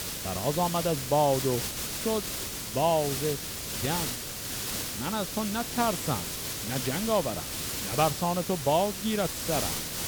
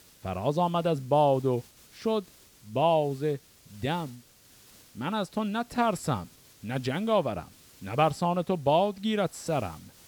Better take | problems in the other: second | hiss; loud; throughout; 3 dB below the speech; faint in the second

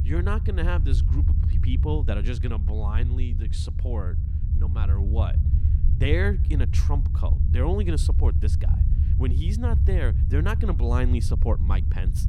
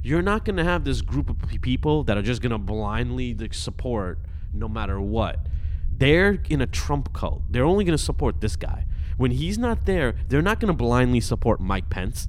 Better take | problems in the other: second | low rumble; loud; throughout; 7 dB below the speech; faint in the second

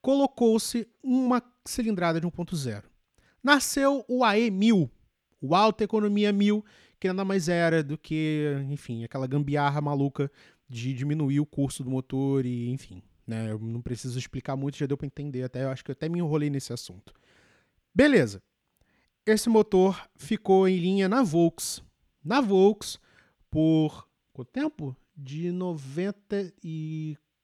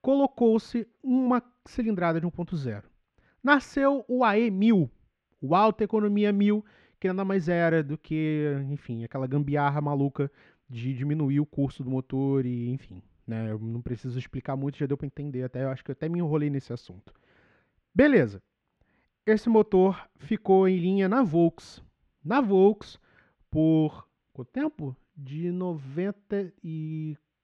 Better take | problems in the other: first | muffled; slightly; fading above 2.5 kHz

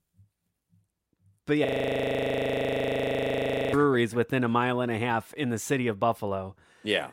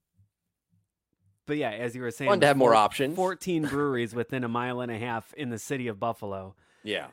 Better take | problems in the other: second | audio freezing; at 1.5 s for 2 s

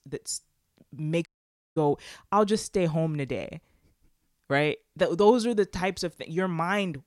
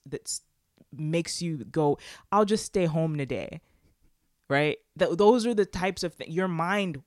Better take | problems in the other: second | audio cutting out; at 1.5 s for 0.5 s

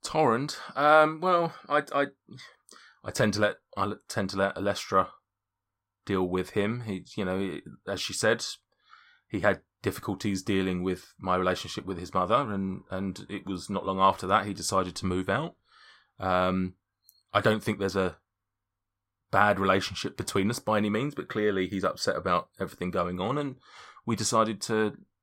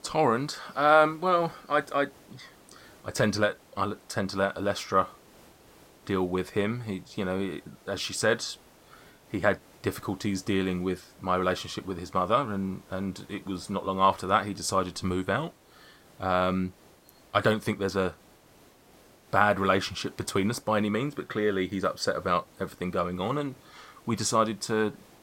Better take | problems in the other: first | hiss; faint; throughout; 25 dB below the speech

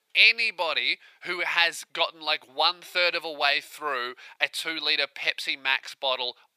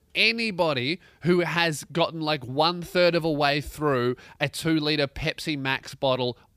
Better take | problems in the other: second | thin; very; fading below 800 Hz

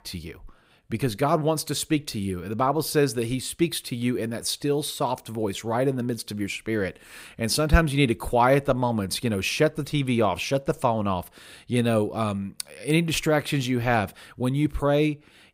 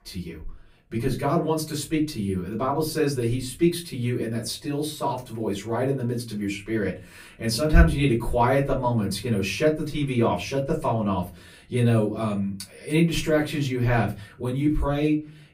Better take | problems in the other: first | off-mic speech; far // room echo; very slight; dies away in 0.3 s

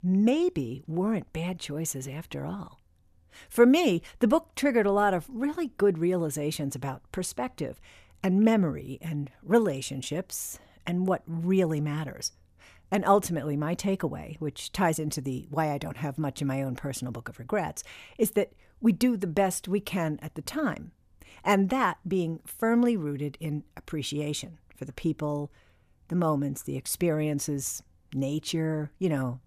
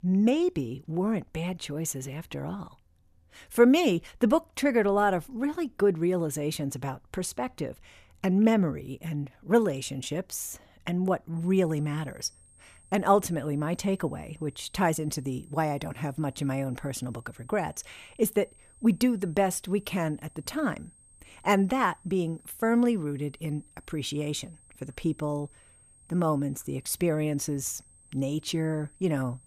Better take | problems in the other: first | high-pitched whine; faint; from 11 s on; 8.5 kHz, 30 dB below the speech

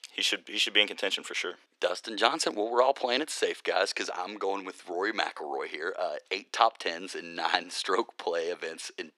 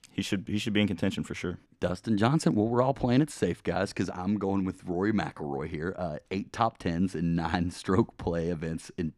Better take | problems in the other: second | thin; very; fading below 400 Hz

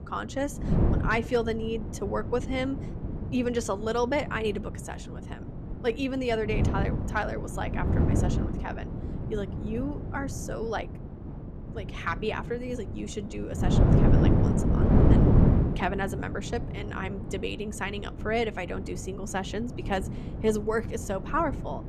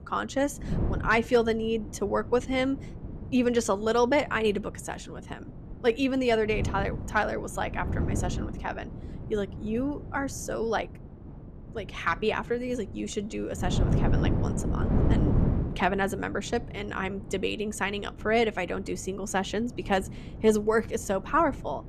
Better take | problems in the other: second | wind noise on the microphone; heavy; 5 dB below the speech; occasional gusts in the second

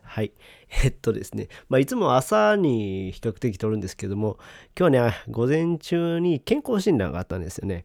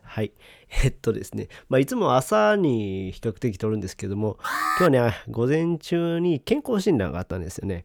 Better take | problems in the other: first | alarm; loud; at 4.5 s; peak 1 dB above the speech

